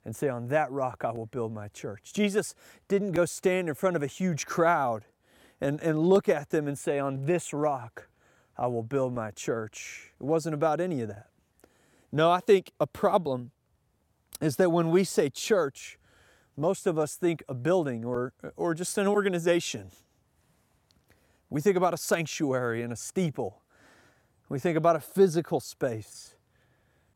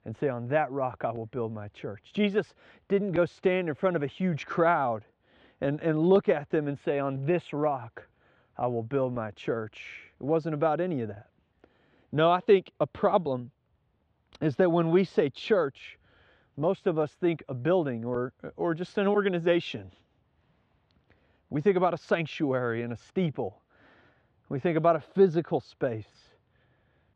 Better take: first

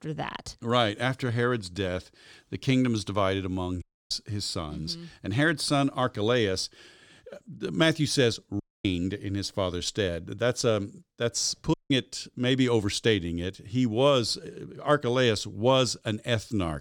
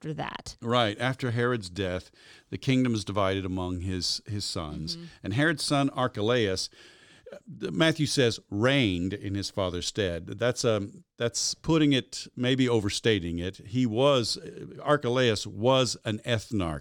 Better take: second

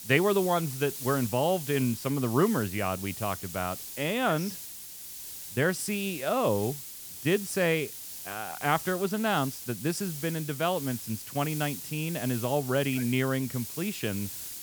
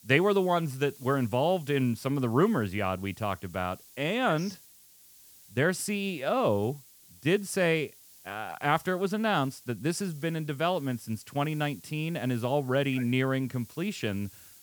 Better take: second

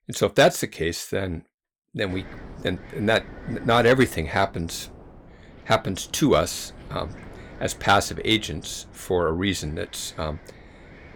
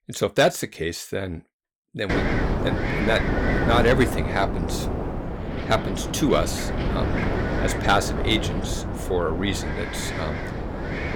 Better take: first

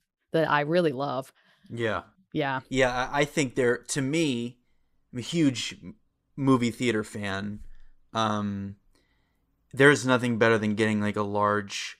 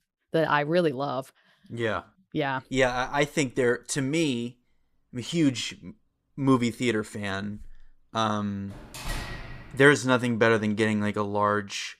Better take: first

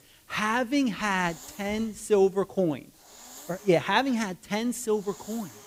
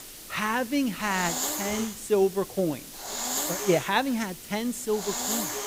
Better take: first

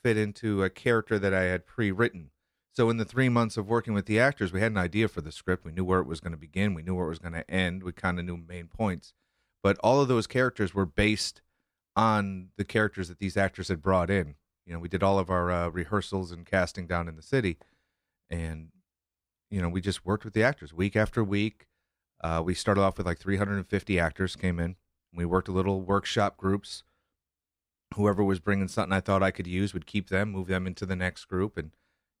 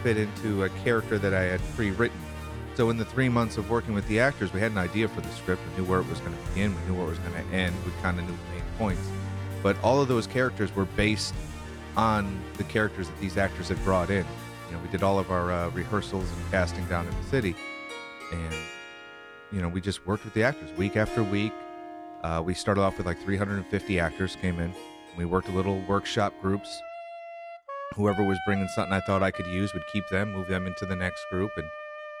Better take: first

